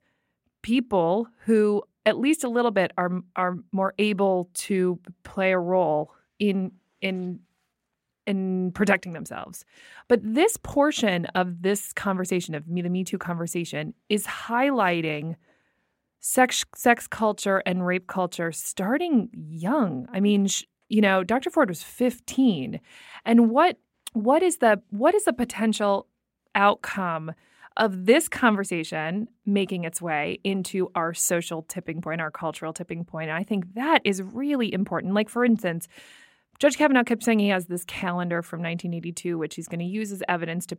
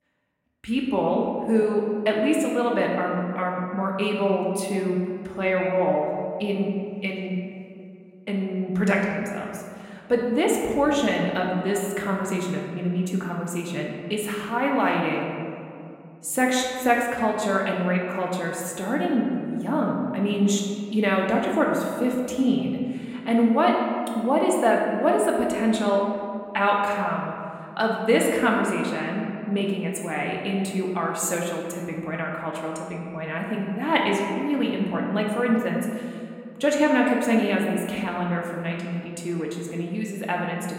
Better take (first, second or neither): first